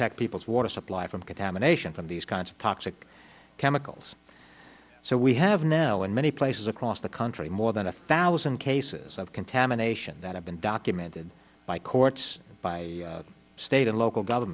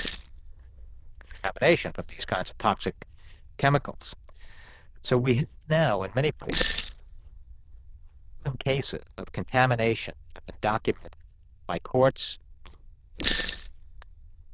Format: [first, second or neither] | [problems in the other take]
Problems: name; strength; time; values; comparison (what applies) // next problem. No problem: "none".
first | noise reduction (neural diffusion model UNIVERSE++)